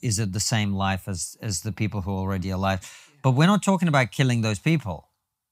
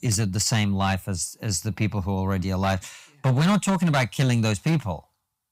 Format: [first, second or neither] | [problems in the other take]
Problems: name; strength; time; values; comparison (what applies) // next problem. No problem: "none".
first | distortion; slight; 7% of the sound clipped